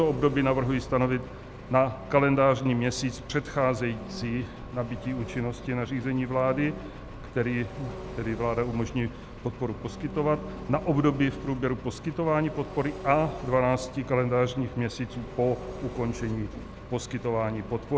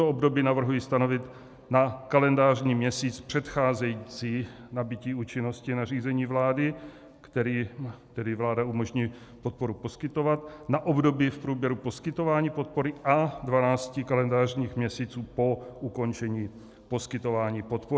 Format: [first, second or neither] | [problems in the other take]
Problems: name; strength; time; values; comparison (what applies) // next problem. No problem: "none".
second | background sound (Engine); 12 dB below the speech